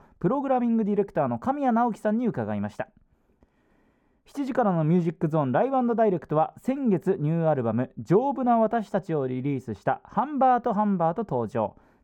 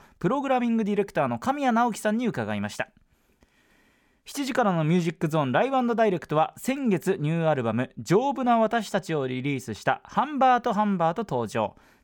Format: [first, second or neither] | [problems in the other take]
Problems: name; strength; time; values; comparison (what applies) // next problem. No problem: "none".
second | muffled; slightly; fading above 1.5 kHz